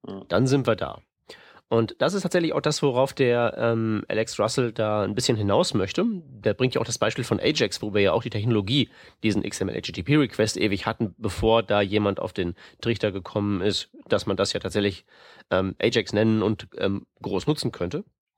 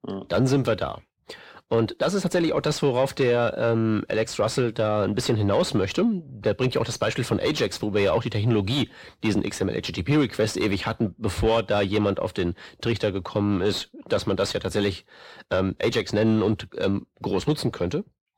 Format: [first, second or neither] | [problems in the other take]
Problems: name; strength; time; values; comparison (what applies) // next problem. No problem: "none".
first | distortion; slight; 10 dB below the speech